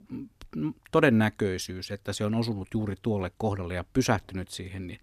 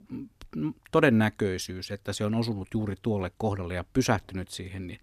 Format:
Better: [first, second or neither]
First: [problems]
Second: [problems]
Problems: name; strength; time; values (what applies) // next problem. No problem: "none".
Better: neither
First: none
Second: none